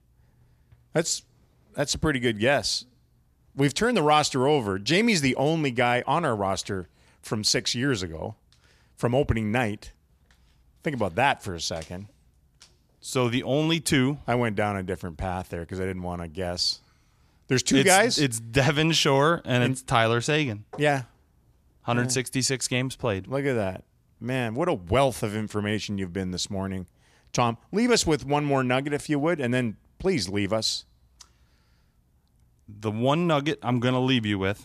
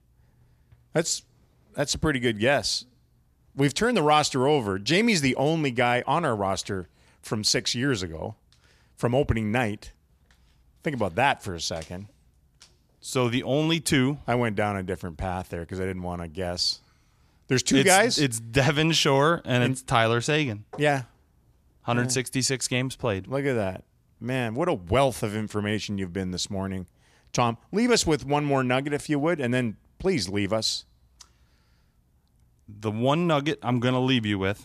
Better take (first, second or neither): neither